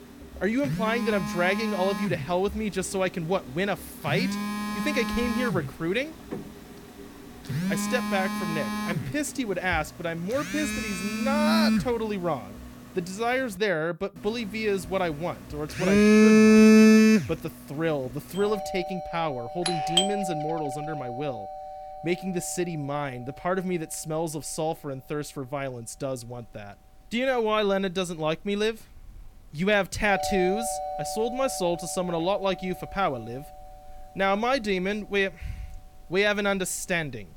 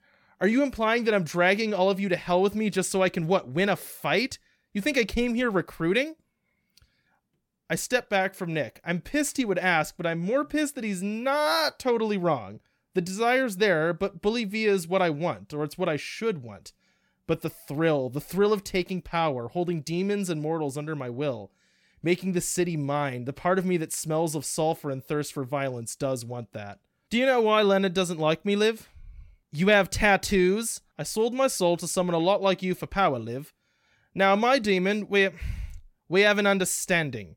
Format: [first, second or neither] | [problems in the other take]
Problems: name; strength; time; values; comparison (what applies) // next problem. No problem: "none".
second | alarms or sirens; very loud; throughout; 4 dB above the speech